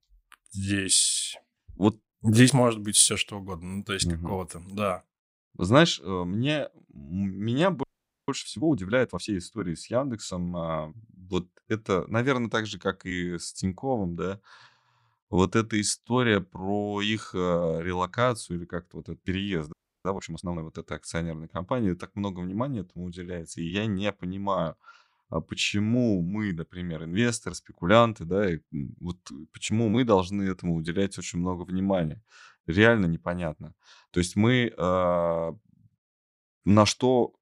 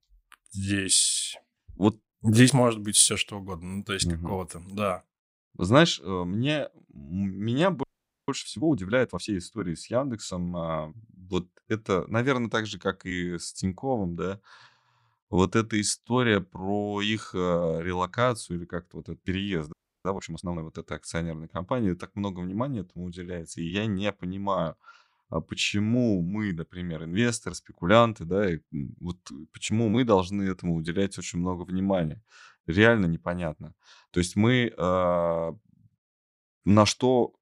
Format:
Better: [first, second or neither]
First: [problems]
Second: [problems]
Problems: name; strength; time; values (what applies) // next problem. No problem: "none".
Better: neither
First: audio freezing; at 8 s and at 20 s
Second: audio freezing; at 8 s and at 20 s